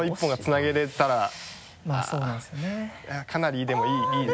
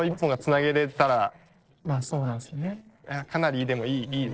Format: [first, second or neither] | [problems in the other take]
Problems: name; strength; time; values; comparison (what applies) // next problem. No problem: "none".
first | noise reduction (neural separator model SepFormer DNS4)